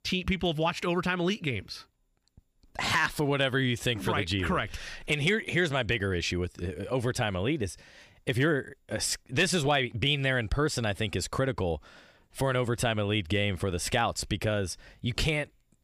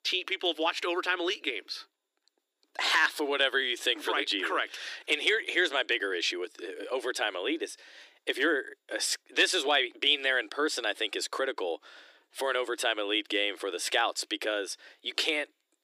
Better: first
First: none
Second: thin; very; fading below 300 Hz

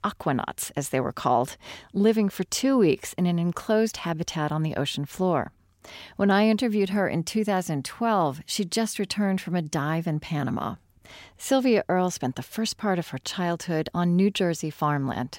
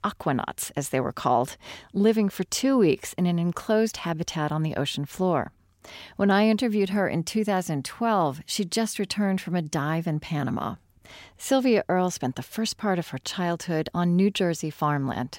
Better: neither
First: none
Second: none

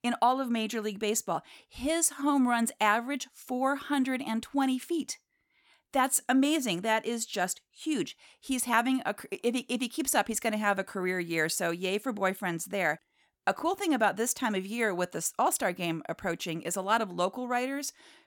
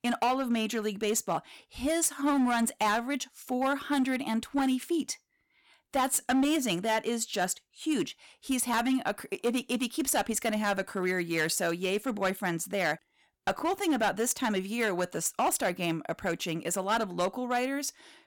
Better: first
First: none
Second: distortion; slight; 6% of the sound clipped

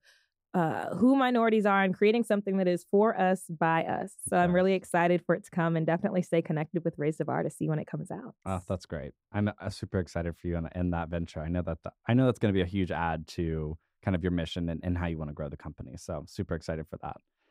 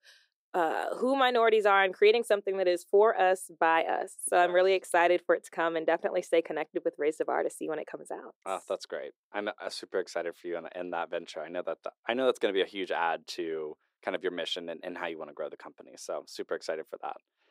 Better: first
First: none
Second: thin; very; fading below 400 Hz

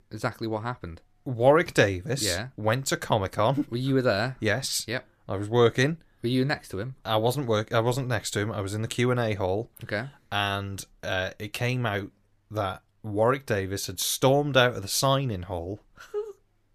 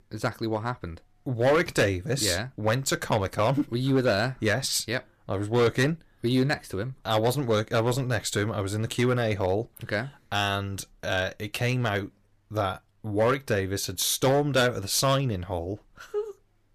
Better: first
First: none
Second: distortion; slight; 4% of the sound clipped

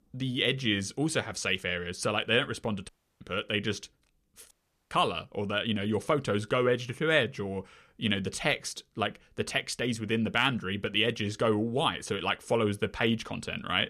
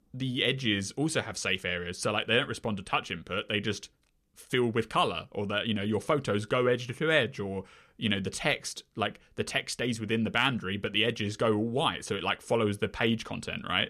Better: second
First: audio cutting out; at 3 s and at 4.5 s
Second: none

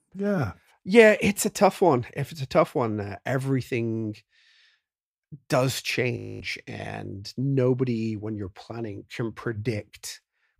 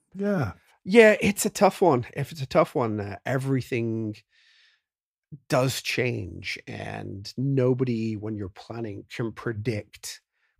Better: second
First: audio freezing; at 6 s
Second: none

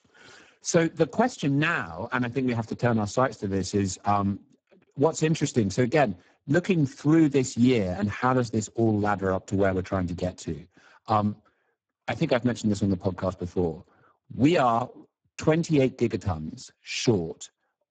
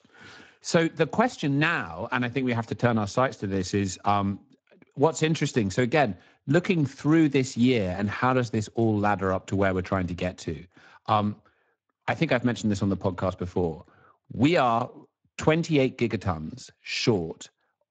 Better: second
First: garbled, watery; badly; nothing above 7.5 kHz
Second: garbled, watery; slightly; nothing above 7.5 kHz

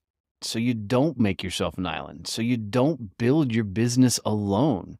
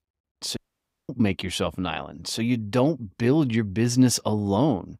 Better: first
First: none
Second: audio cutting out; at 0.5 s for 0.5 s

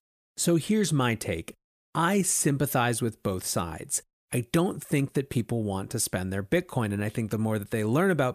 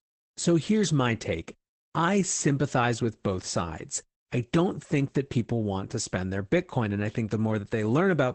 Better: first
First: none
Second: garbled, watery; badly; nothing above 8 kHz

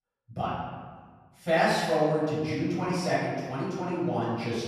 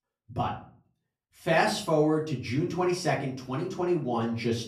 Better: second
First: room echo; strong; dies away in 1.4 s // off-mic speech; far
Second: room echo; slight; dies away in 0.4 s // off-mic speech; far

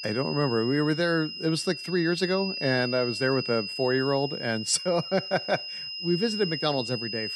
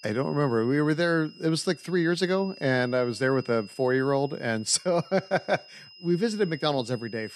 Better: second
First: high-pitched whine; loud; throughout; 5 kHz, 6 dB below the speech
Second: high-pitched whine; faint; throughout; 5 kHz, 20 dB below the speech

